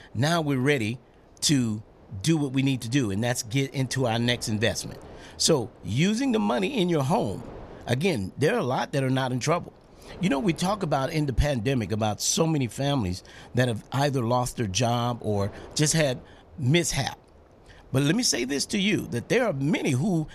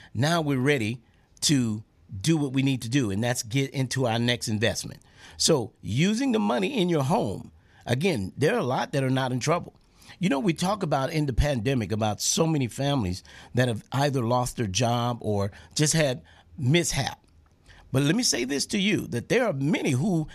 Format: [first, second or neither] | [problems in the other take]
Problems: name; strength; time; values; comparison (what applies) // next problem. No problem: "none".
second | wind noise on the microphone; occasional gusts; 25 dB below the speech